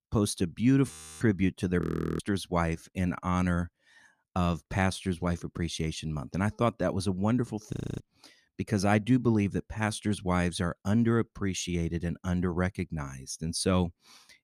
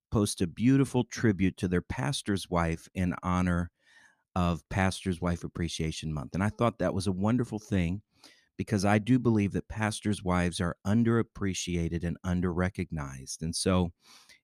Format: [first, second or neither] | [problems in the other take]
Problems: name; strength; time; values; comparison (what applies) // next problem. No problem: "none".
second | audio freezing; at 1 s, at 2 s and at 7.5 s